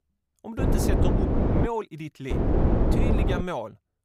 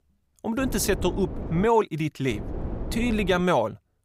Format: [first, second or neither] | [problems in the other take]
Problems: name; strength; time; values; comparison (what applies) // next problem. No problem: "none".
second | wind noise on the microphone; heavy; from 0.5 to 1.5 s and from 2.5 to 3.5 s; 4 dB above the speech; occasional gusts in the second